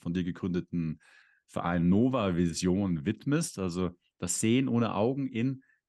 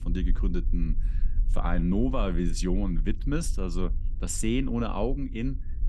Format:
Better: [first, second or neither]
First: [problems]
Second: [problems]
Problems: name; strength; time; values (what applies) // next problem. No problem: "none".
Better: first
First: none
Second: low rumble; faint; throughout; 20 dB below the speech